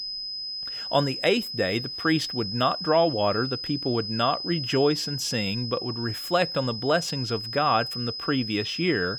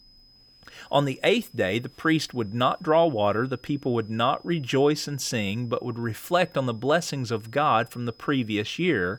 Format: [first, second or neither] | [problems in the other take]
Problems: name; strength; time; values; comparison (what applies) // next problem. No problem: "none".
second | high-pitched whine; loud; throughout; 5 kHz, 5 dB below the speech; faint in the second